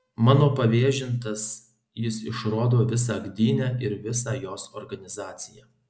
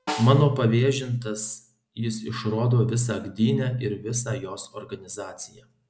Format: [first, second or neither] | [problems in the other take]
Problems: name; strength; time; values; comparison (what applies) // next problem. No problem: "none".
first | background sound (Snare drum); 14 dB below the speech